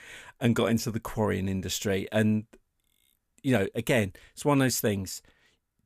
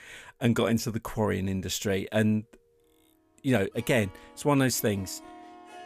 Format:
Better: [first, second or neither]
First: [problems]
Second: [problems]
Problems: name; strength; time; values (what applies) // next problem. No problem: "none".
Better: first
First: none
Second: background music; faint; throughout; 25 dB below the speech